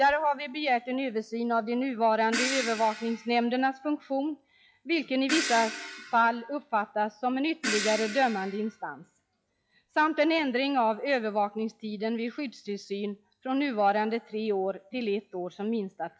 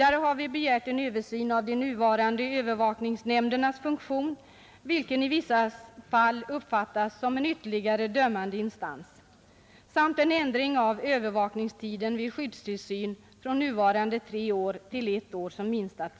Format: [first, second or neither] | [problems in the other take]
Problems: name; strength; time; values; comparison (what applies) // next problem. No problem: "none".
second | noise reduction (classical method log-MMSE)